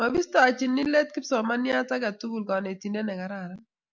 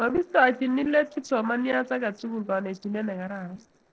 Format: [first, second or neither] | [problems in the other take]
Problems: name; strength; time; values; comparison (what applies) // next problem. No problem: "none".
first | noise reduction (neural separator model SepFormer DNS4)